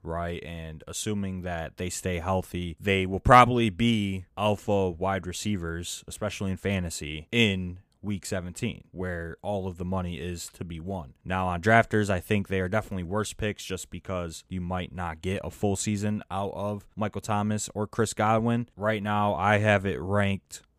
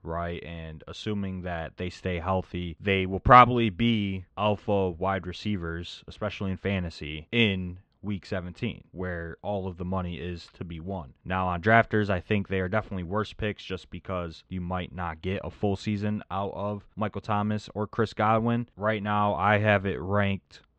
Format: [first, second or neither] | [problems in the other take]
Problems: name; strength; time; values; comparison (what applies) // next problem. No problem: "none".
first | muffled; slightly; fading above 4.5 kHz